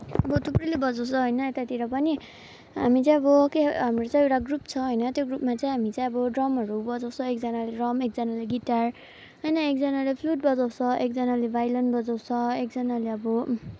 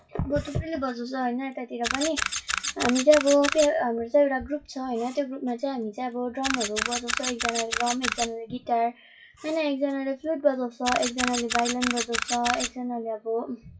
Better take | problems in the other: first | noise reduction (classical method WPE with log-MMSE)

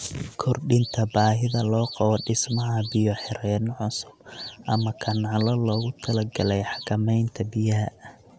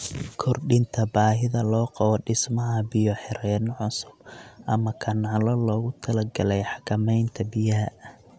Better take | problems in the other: second | background sound (Alarm / Car); 16 dB below the speech

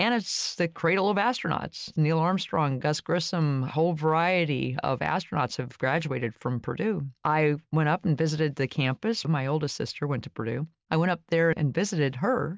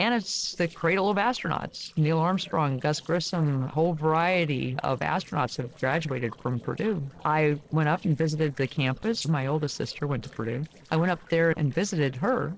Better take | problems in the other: first | noise reduction (neural separator model SepFormer DNS4)

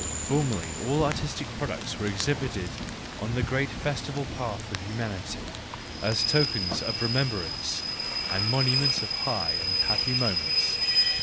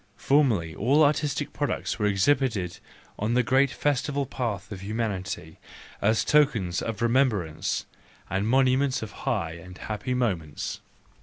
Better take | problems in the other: second | background sound (Rain / Train); 1 dB above the speech

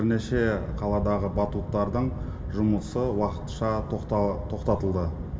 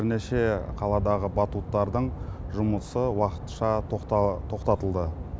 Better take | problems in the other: second | room echo; dies away in 1.6 s

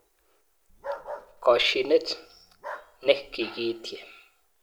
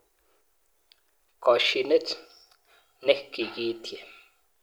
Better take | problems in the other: second | background sound (Bark); 13 dB below the speech

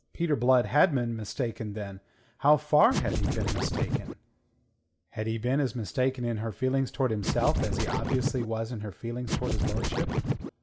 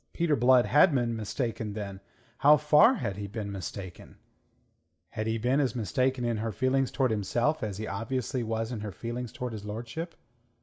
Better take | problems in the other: second | background sound (Scratching (performance technique)); as loud as the speech

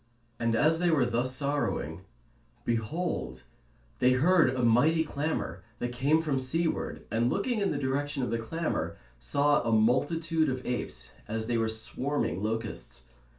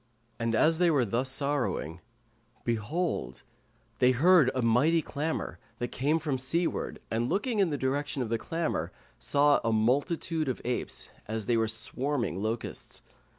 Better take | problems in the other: second | room echo; dies away in 0.2 s

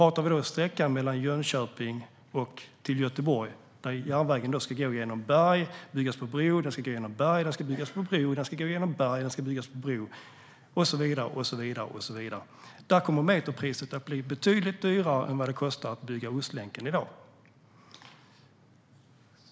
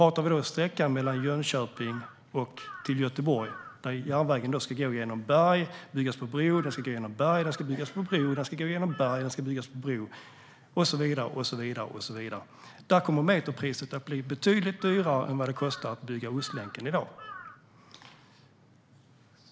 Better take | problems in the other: first | background sound (Bird vocalization, bird call, bird song / Crow); 17 dB below the speech

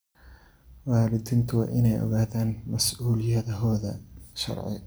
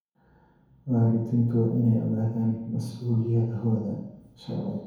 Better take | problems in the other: first | room echo; dies away in 0.9 s

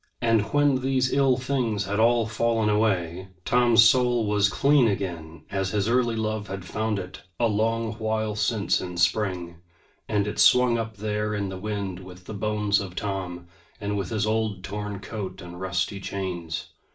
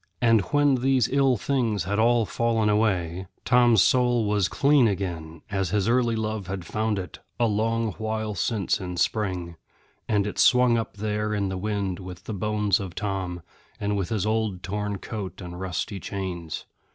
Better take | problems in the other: second | room echo; dies away in 0.3 s

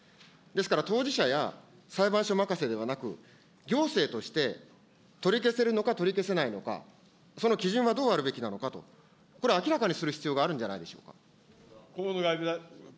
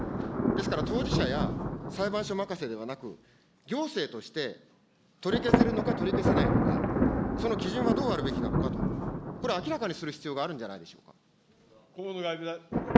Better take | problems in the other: first | background sound (Thunder); 4 dB above the speech

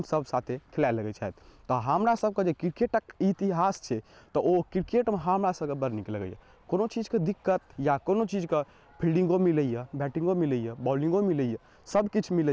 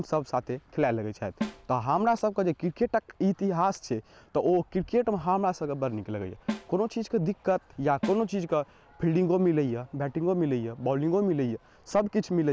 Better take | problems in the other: first | background sound (Snare drum); 12 dB below the speech

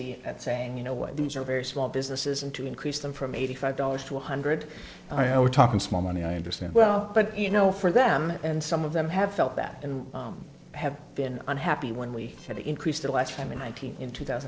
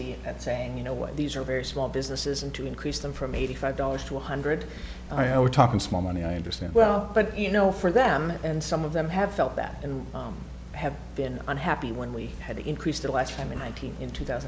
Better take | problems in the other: second | noise reduction (neural separator model SepFormer DNS4)

